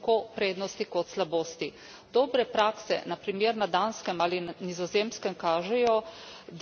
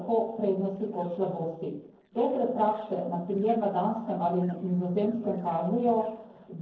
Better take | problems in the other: first | noise reduction (neural separator model SepFormer DNS4)

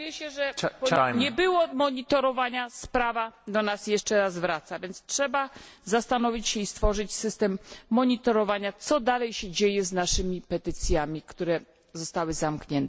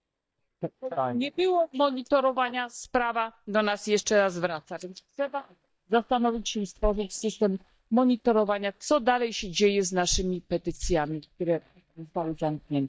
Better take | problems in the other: first | noise reduction (neural mask model DeepFilterNet 3)

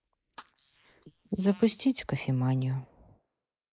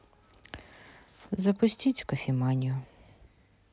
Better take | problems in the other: second | noise reduction (neural mask model Resemble Enhance denoiser)

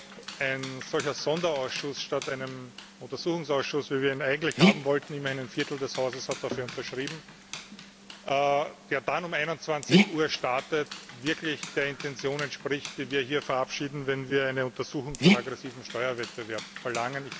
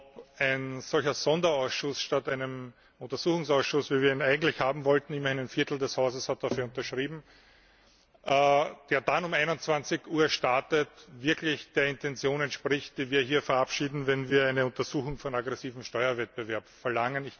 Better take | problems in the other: second | background sound (Dog); 3 dB below the speech

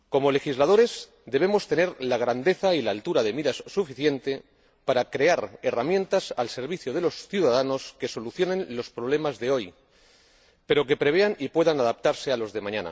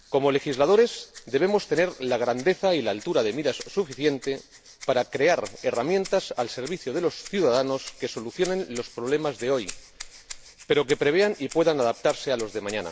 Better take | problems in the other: first | background sound (Rattle (instrument)); 20 dB below the speech

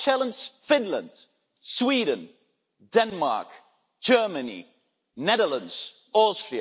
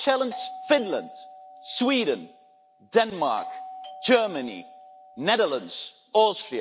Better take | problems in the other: first | background sound (Doorbell); 17 dB below the speech

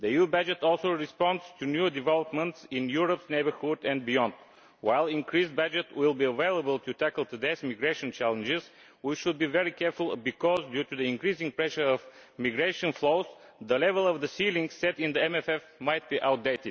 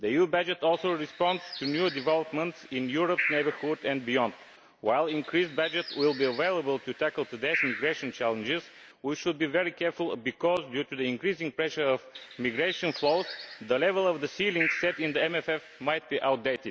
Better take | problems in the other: first | background sound (Bird); 10 dB below the speech

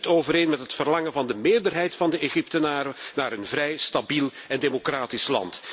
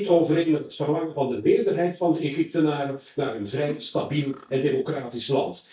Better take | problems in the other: first | noise reduction (neural mask model DeepFilterNet 3)

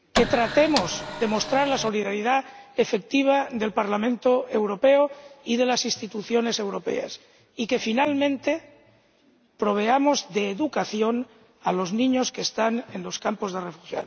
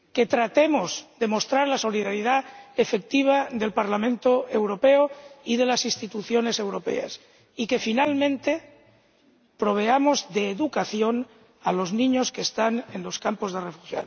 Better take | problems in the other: second | background sound (Printer); 5 dB below the speech

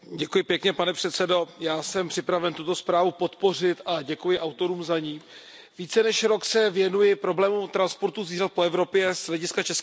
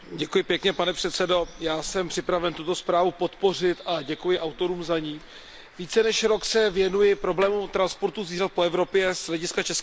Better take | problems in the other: first | background sound (Snare drum + Bird); 19 dB below the speech

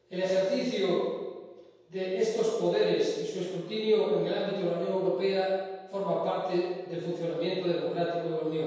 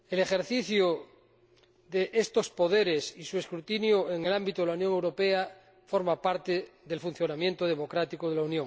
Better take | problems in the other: second | room echo; dies away in 1.2 s

